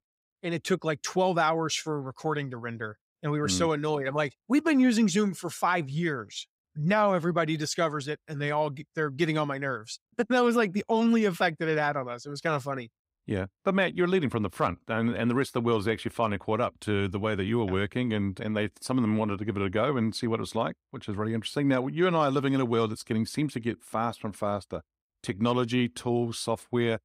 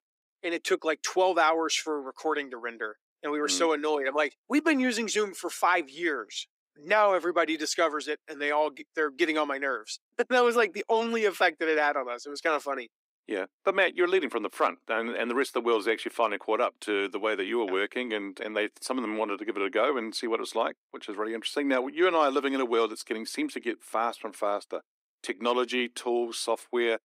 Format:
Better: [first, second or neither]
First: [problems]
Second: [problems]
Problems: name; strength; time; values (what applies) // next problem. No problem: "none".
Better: first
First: none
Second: thin; somewhat; fading below 300 Hz